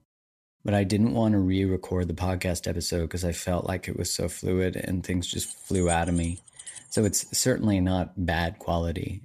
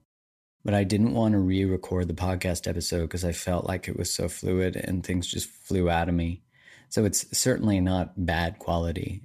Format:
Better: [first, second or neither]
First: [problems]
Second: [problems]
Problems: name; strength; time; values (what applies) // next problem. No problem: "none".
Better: second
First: jangling keys; noticeable; from 5.5 to 7.5 s; peak 8 dB below the speech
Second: none